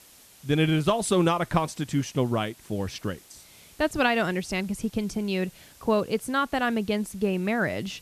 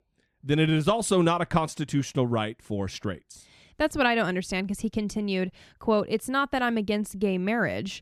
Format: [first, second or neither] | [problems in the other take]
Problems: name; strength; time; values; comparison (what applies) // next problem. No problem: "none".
second | hiss; faint; throughout; 25 dB below the speech